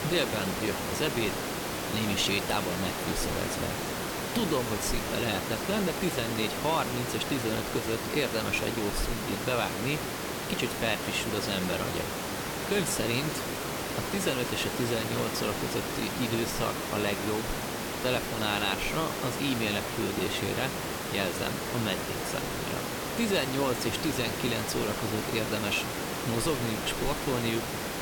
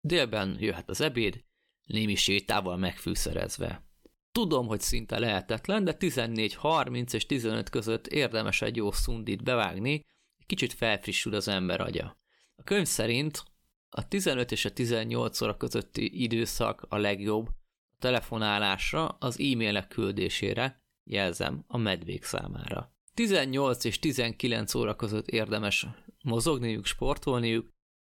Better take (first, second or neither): second